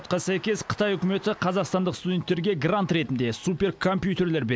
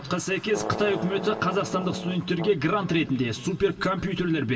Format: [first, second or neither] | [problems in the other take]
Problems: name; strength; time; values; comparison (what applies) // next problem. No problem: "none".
first | background sound (Brass instrument); 11 dB below the speech // room echo; dies away in 2.3 s